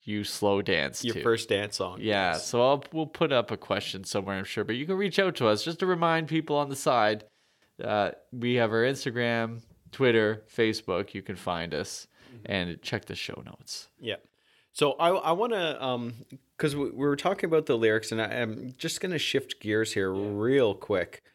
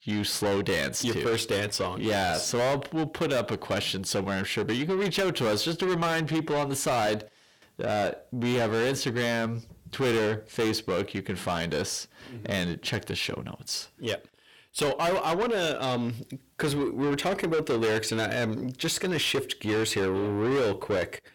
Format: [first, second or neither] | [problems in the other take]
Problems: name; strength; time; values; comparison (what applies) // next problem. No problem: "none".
first | distortion; heavy; 6 dB below the speech